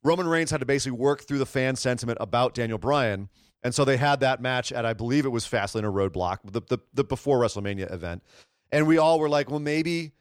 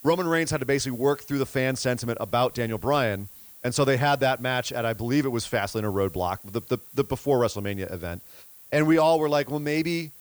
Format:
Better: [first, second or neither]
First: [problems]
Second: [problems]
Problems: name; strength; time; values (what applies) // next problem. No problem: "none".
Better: first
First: none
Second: hiss; noticeable; throughout; 20 dB below the speech